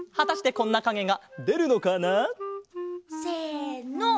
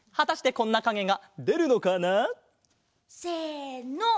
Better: second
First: background sound (Wind instrument, woodwind instrument); 10 dB below the speech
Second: none

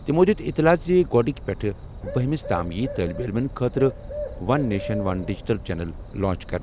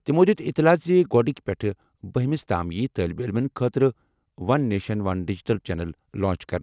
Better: second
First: background sound (Bird); 11 dB below the speech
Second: none

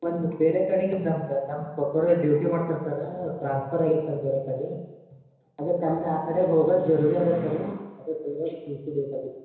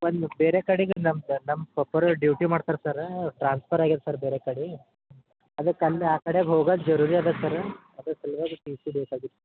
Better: second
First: room echo; dies away in 1 s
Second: none

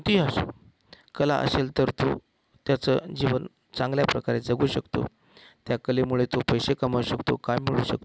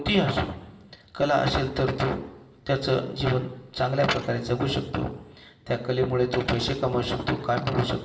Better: first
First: none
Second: room echo; dies away in 1.3 s

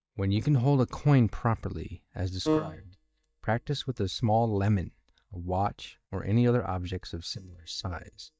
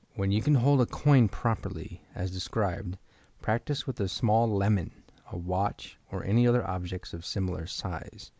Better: second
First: noise reduction (neural mask model DeepFilterNet 3)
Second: none

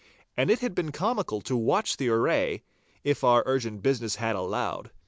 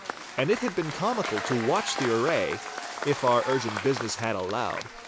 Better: first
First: none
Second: background sound (Applause / Crowd / Cheering); 7 dB below the speech

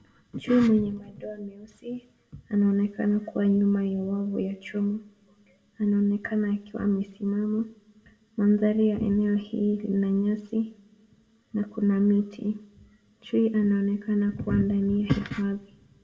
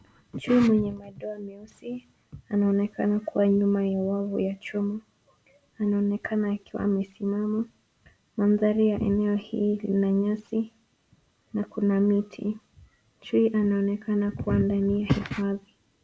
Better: second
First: room echo; dies away in 0.5 s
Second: none

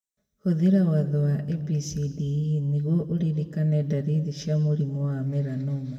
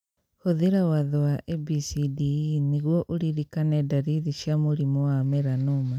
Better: second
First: room echo; dies away in 1.4 s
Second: none

